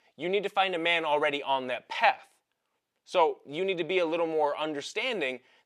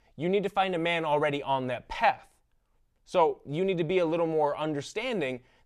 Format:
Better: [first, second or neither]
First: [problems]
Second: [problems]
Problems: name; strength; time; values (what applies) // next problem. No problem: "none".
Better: second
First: thin; very slightly; fading below 300 Hz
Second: none